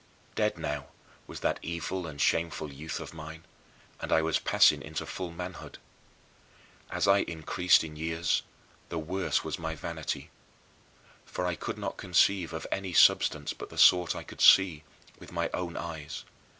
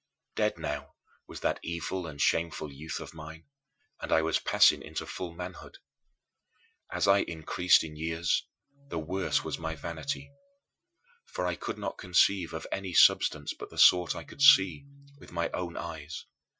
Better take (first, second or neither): first